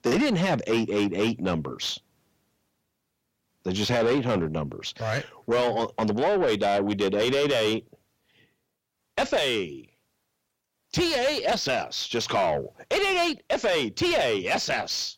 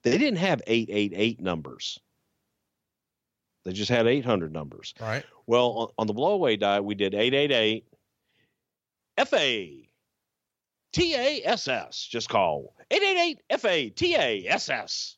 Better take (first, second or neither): second